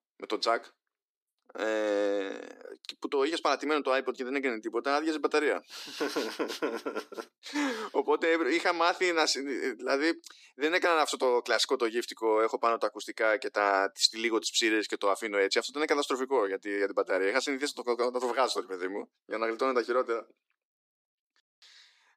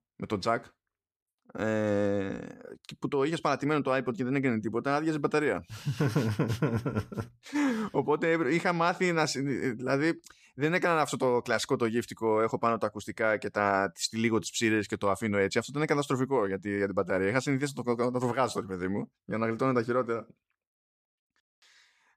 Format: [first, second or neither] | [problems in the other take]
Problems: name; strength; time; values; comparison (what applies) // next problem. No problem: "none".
second | thin; somewhat; fading below 300 Hz